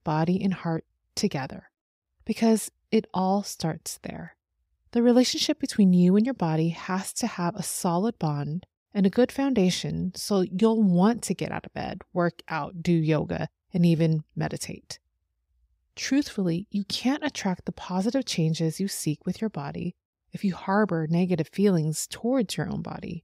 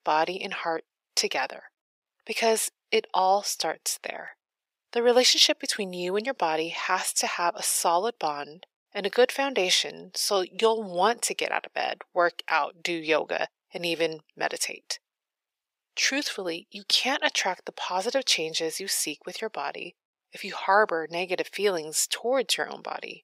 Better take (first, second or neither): first